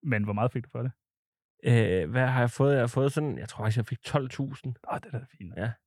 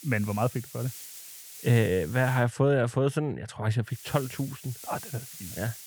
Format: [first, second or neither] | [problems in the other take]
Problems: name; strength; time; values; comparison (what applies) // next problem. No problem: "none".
first | hiss; noticeable; until 2.5 s and from 4 s on; 15 dB below the speech